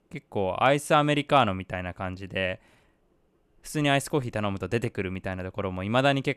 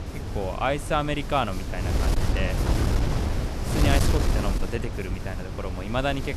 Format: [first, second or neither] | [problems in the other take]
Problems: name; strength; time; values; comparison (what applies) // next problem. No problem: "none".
first | wind noise on the microphone; heavy; 5 dB below the speech